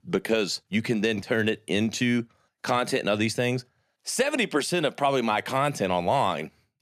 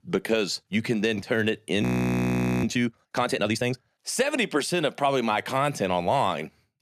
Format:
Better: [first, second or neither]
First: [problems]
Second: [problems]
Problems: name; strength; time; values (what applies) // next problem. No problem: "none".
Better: first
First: none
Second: audio freezing; at 2 s for 1 s